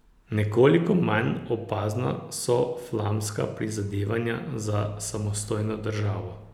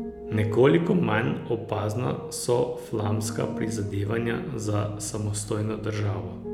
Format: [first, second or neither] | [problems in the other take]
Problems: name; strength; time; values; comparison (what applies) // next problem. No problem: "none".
first | background sound (Piano); 11 dB below the speech